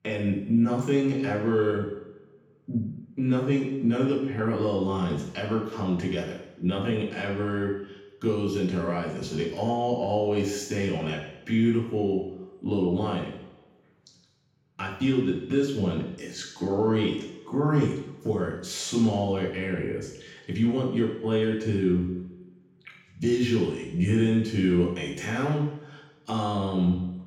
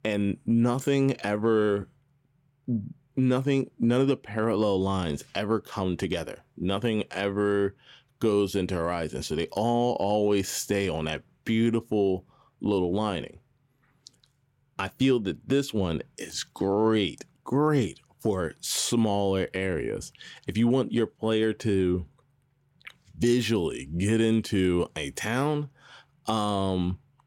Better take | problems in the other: second | room echo; noticeable; dies away in 0.9 s // off-mic speech; far

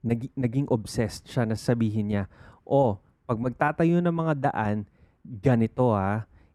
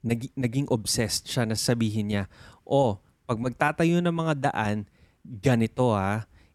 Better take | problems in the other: second | muffled; slightly; fading above 2.5 kHz

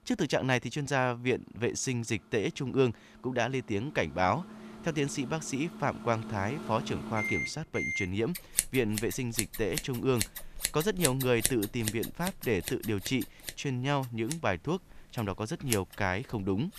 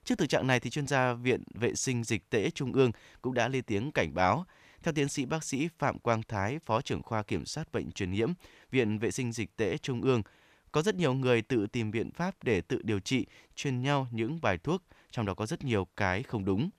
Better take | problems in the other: second | household noises; loud; throughout; 5 dB below the speech

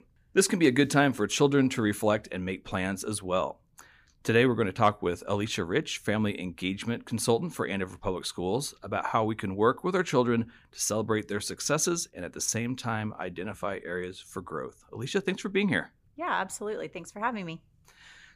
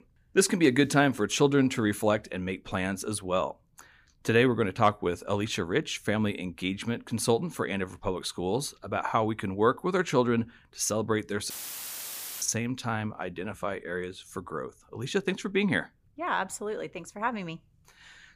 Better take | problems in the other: first | audio cutting out; filled with static; at 12 s for 1 s

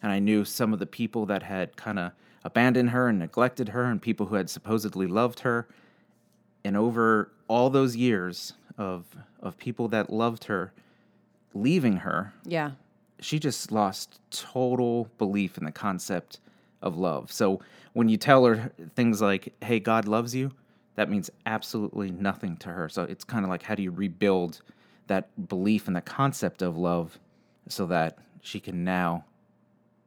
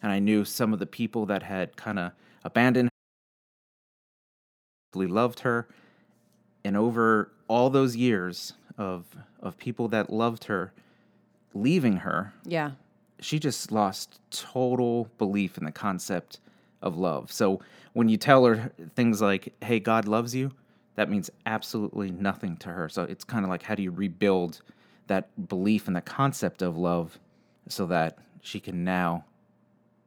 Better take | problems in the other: first | audio cutting out; at 3 s for 2 s

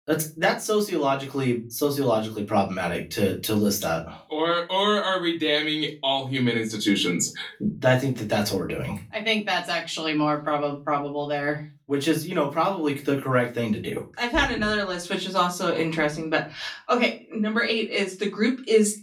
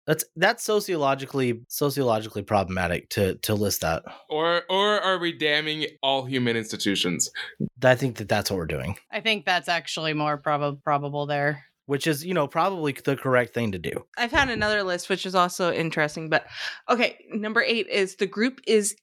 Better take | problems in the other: second | off-mic speech; far // room echo; very slight; dies away in 0.3 s

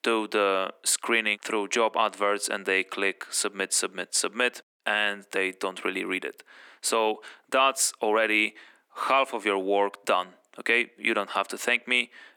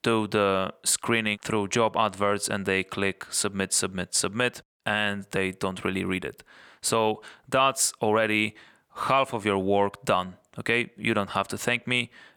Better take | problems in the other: second | thin; somewhat; fading below 250 Hz

